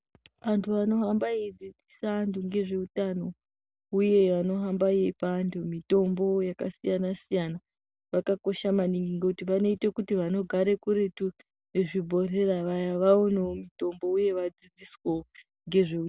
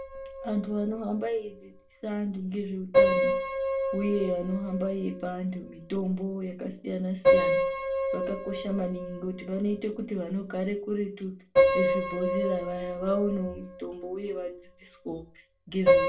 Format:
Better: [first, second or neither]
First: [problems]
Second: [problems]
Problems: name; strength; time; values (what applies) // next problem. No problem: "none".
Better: first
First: none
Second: background sound (Piano); 2 dB above the speech // room echo; dies away in 0.3 s